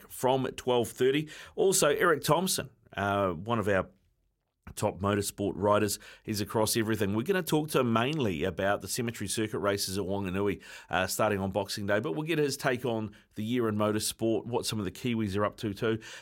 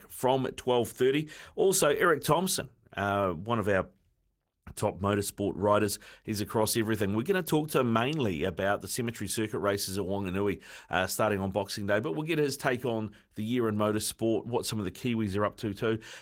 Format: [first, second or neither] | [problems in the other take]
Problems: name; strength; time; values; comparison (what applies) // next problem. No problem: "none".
first | garbled, watery; slightly; nothing above 16.5 kHz